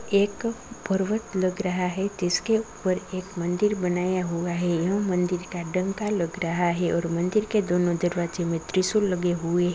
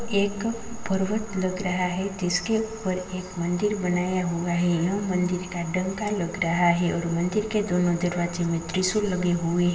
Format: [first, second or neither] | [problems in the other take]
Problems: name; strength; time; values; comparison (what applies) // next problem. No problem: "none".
first | room echo; dies away in 2.4 s